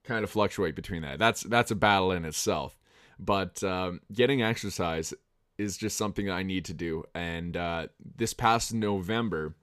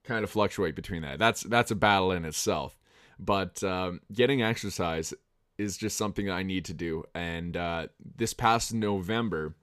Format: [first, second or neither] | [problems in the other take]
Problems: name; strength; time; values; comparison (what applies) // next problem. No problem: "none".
neither | none